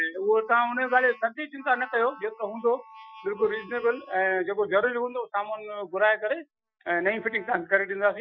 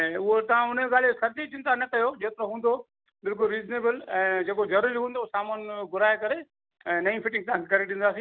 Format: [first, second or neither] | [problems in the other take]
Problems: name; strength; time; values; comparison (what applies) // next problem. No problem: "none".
second | noise reduction (classical method Wiener filter)